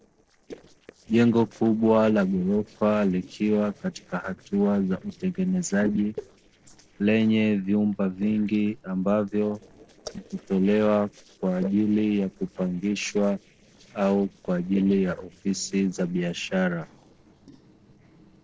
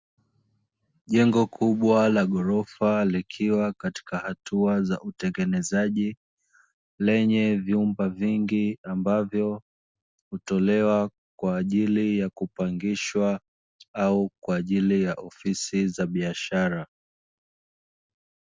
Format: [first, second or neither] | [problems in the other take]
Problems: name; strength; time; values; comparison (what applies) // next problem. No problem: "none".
second | noise reduction (neural separator model SepFormer DNS4)